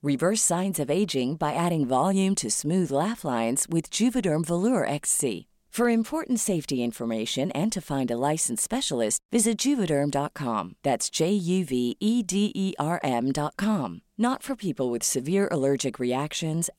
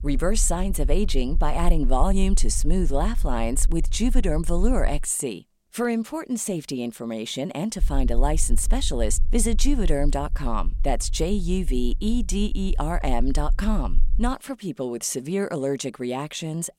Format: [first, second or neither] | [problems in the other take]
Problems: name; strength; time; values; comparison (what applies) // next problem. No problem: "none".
first | low rumble; faint; until 5 s and from 8 to 14 s; 25 dB below the speech